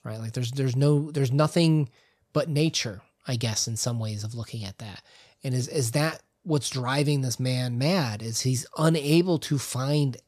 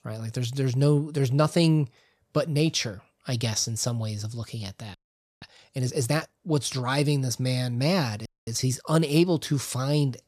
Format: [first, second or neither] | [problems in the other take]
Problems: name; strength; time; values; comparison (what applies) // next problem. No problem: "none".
first | audio freezing; at 5 s and at 8.5 s